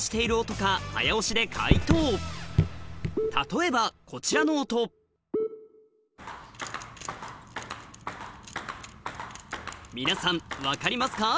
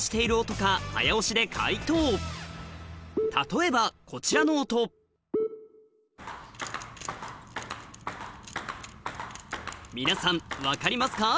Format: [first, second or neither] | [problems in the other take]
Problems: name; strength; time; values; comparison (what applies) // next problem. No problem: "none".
second | background sound (Raindrop / Drip); 2 dB above the speech